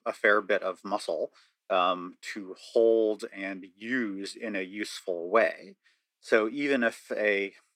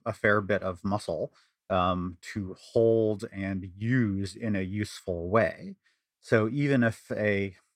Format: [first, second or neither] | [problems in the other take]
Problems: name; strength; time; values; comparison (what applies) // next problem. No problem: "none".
second | thin; somewhat; fading below 300 Hz